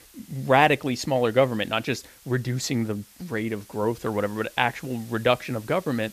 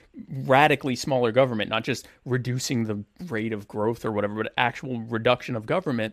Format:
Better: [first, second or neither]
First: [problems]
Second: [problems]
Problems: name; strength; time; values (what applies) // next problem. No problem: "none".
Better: second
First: hiss; faint; throughout; 25 dB below the speech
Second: none